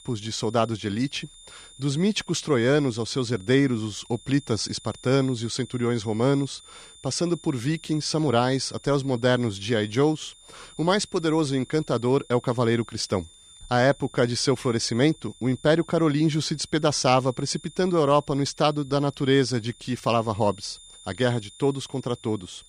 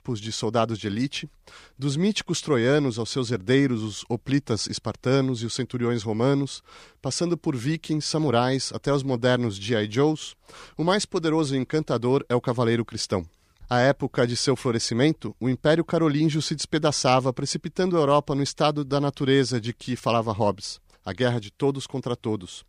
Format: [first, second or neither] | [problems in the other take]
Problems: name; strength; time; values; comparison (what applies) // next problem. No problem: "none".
second | high-pitched whine; faint; throughout; 3.5 kHz, 25 dB below the speech